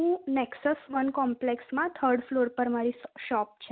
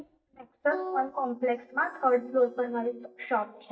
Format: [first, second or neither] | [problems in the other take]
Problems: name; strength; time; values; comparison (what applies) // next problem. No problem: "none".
first | noise reduction (neural mask model DeepFilterNet 3)